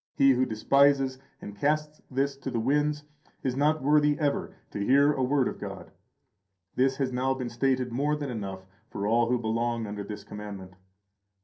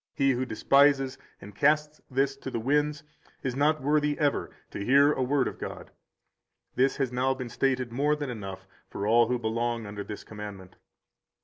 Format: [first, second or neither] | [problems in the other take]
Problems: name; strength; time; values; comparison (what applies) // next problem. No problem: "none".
second | room echo; dies away in 0.3 s